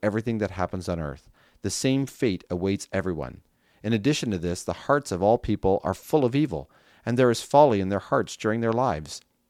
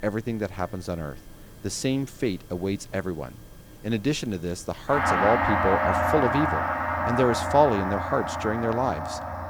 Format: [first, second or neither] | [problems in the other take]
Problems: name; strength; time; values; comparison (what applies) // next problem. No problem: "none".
first | background music; very loud; throughout; 1 dB above the speech